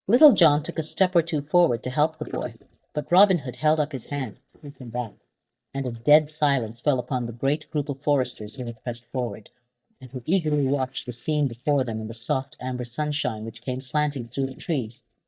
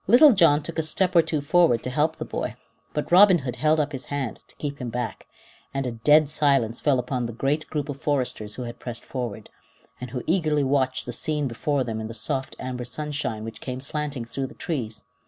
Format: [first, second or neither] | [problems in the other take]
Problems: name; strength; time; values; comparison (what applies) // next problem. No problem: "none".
second | noise reduction (neural mask model DeepFilterNet 3)